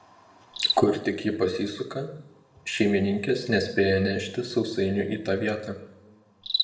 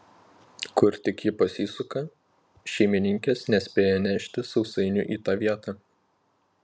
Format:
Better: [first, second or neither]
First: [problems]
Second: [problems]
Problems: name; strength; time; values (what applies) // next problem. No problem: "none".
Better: second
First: background sound (Cricket); 11 dB below the speech // room echo; dies away in 0.8 s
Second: none